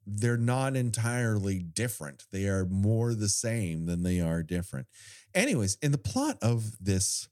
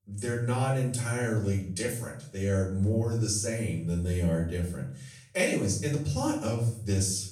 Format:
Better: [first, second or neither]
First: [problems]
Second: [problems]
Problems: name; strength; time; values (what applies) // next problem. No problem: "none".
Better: first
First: none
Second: room echo; noticeable; dies away in 0.5 s // off-mic speech; far